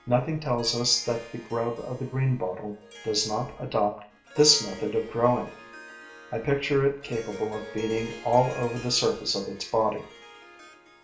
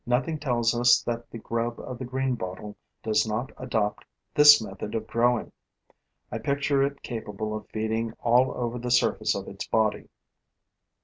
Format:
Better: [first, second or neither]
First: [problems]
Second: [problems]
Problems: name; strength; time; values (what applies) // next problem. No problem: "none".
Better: second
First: background sound (Harp); 18 dB below the speech // room echo; dies away in 0.4 s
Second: none